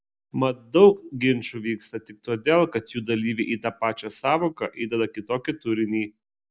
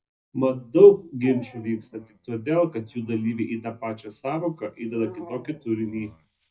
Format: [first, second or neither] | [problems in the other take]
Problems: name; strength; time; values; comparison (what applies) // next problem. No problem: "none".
first | noise reduction (neural mask model DeepFilterNet 3)